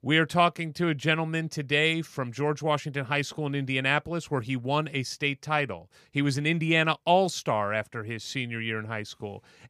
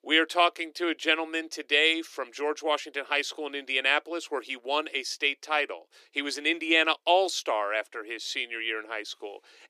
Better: first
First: none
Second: thin; very; fading below 300 Hz

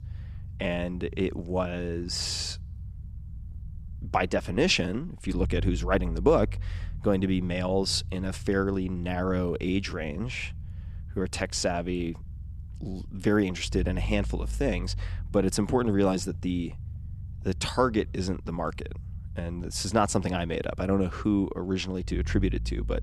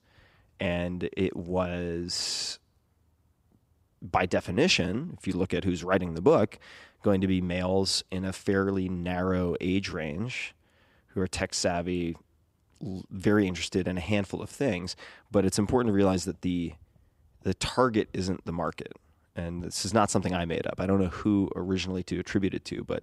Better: second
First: low rumble; faint; throughout; 25 dB below the speech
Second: none

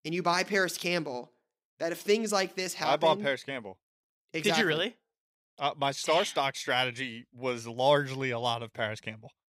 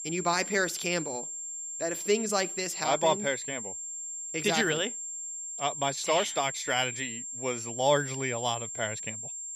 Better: first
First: none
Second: high-pitched whine; loud; throughout; 7.5 kHz, 6 dB below the speech

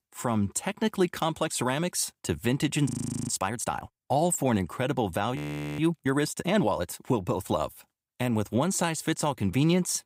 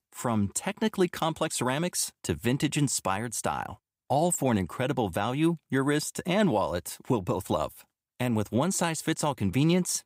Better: second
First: audio freezing; at 3 s and at 5.5 s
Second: none

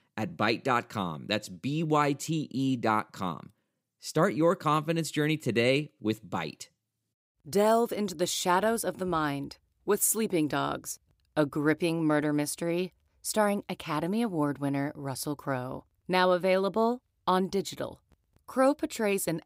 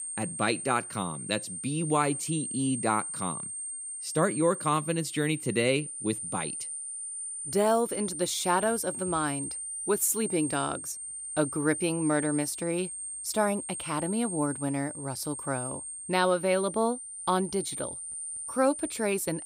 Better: first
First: none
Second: high-pitched whine; loud; throughout; 9 kHz, 5 dB below the speech

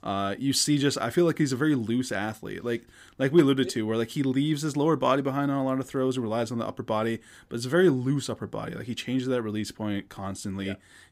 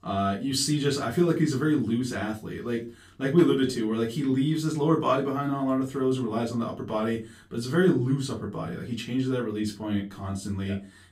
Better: first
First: none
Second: off-mic speech; far // room echo; very slight; dies away in 0.2 s

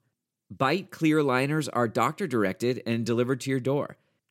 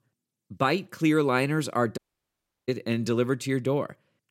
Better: first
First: none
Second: audio cutting out; at 2 s for 0.5 s

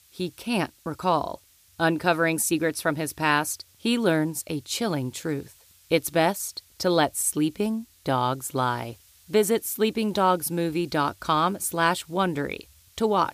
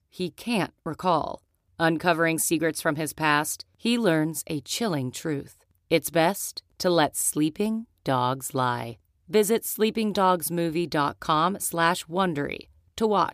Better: second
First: hiss; faint; throughout; 30 dB below the speech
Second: none

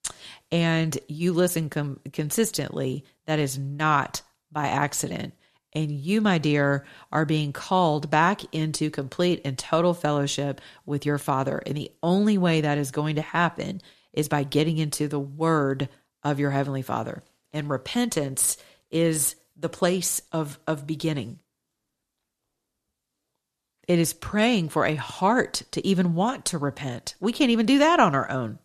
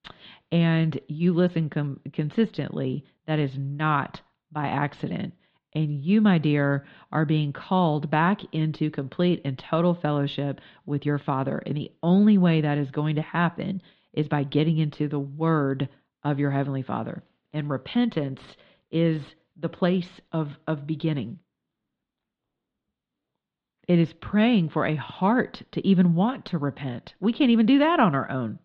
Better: first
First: none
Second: muffled; very; fading above 3.5 kHz

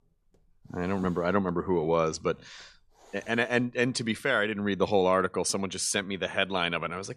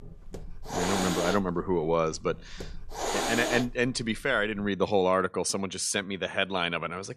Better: first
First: hiss; faint; until 4.5 s; 30 dB below the speech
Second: hiss; loud; until 4.5 s; 4 dB below the speech

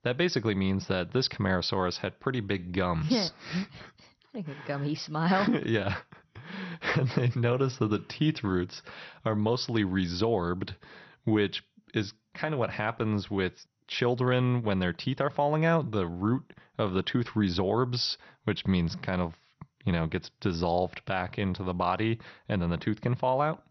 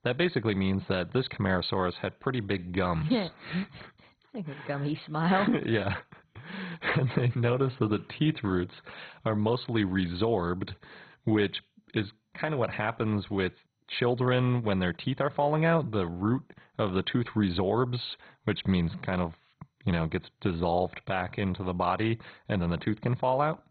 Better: first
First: garbled, watery; slightly; nothing above 5.5 kHz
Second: garbled, watery; badly; nothing above 4 kHz

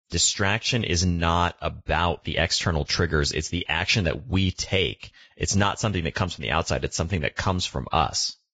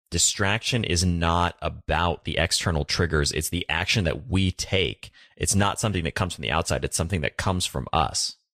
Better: second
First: garbled, watery; badly; nothing above 7.5 kHz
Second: garbled, watery; slightly; nothing above 14.5 kHz

